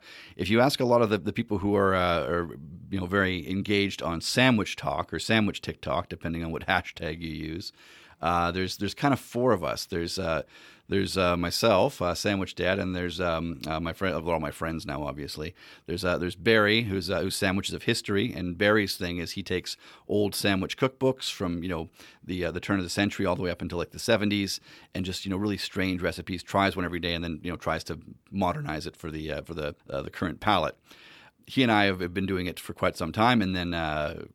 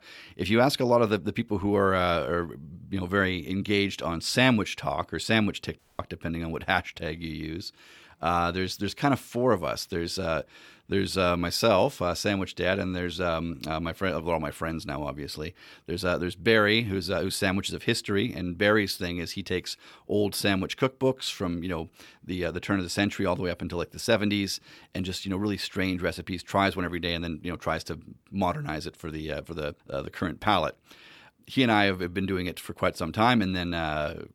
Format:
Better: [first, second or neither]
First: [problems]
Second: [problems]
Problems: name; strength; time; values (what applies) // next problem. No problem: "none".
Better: first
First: none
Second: audio cutting out; at 6 s